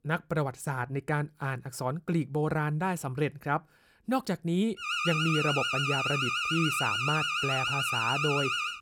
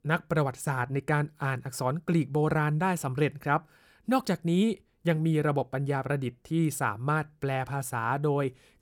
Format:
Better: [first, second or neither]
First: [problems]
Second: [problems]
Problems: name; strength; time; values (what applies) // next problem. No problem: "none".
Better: second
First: alarm; loud; from 5 s on; peak 3 dB above the speech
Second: none